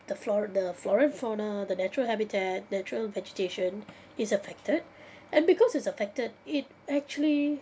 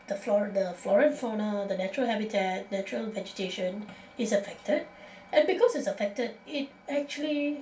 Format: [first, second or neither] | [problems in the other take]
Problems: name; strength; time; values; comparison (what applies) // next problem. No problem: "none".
first | room echo; dies away in 0.3 s